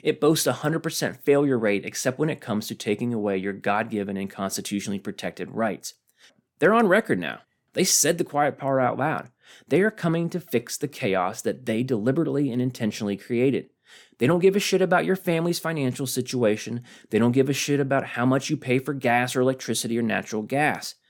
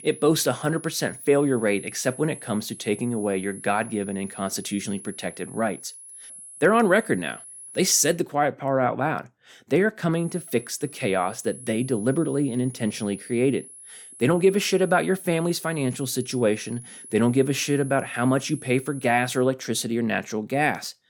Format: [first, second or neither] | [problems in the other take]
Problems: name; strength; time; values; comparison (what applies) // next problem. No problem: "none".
first | high-pitched whine; noticeable; until 8 s and from 10 to 19 s; 10.5 kHz, 15 dB below the speech